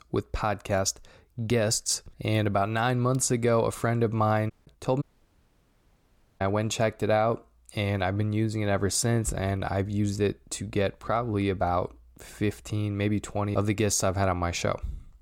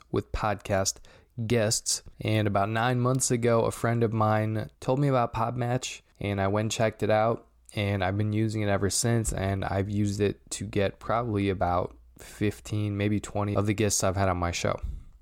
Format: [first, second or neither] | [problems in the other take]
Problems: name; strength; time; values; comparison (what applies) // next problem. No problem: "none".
second | audio cutting out; at 4.5 s and at 5 s for 1.5 s